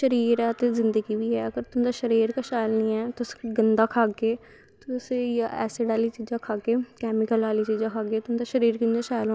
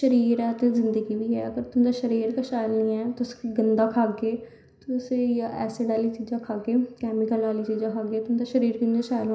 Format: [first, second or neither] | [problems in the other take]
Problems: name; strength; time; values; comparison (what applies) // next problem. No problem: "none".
first | room echo; dies away in 0.5 s